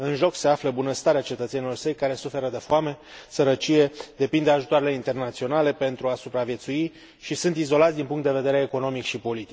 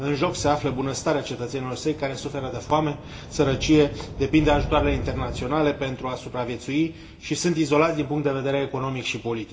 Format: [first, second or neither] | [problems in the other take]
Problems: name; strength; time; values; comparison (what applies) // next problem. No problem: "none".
first | background sound (Thunder / Rain); 11 dB below the speech // room echo; dies away in 0.5 s